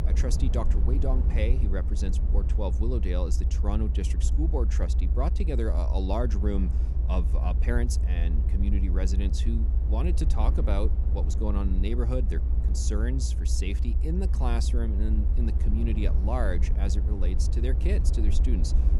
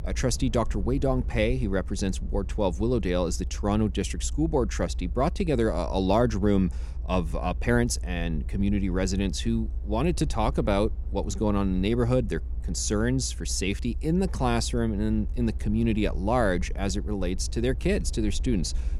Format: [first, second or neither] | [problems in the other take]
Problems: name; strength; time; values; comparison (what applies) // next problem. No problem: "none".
second | low rumble; loud; throughout; 8 dB below the speech; faint in the second